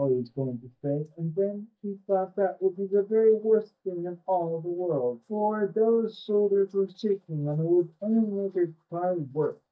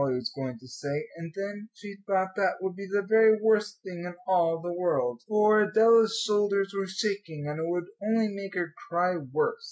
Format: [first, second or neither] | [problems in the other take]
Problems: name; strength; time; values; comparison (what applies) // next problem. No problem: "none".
second | noise reduction (neural mask model DeepFilterNet 3)